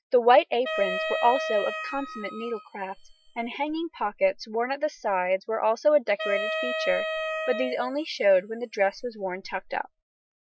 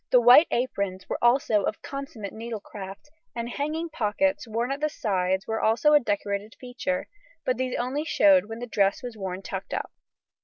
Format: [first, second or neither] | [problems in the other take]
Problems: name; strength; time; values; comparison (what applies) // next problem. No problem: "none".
second | noise reduction (classical method Wiener filter)